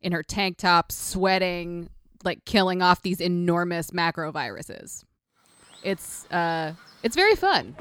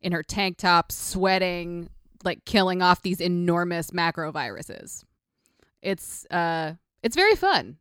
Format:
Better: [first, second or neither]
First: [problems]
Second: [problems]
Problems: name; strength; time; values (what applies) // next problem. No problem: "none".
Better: second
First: animal sounds; faint; from 5.5 s on; 25 dB below the speech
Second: none